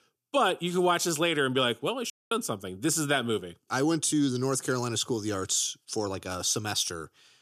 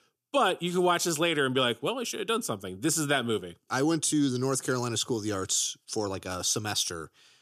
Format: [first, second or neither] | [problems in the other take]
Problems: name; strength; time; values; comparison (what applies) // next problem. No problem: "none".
second | audio cutting out; at 2 s